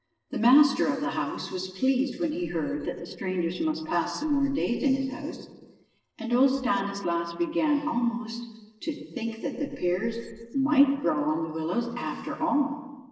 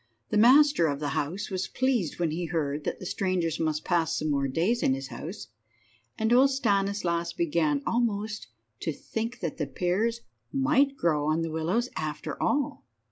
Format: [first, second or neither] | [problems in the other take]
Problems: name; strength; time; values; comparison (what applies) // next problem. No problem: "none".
second | noise reduction (neural separator model SepFormer DNS4)